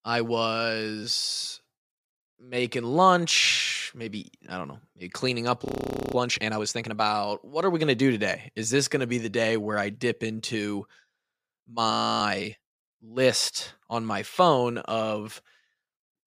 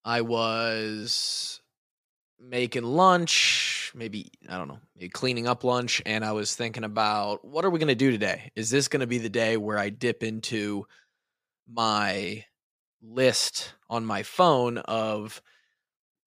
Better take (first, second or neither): second